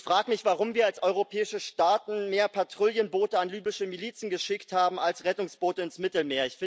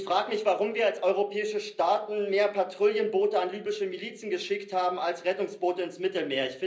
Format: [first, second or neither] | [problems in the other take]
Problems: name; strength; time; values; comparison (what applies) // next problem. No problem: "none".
first | room echo; dies away in 0.5 s